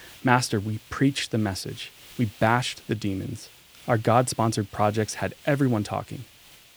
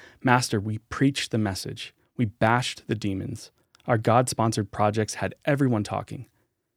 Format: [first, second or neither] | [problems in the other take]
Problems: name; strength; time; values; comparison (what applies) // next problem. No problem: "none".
second | hiss; faint; throughout; 20 dB below the speech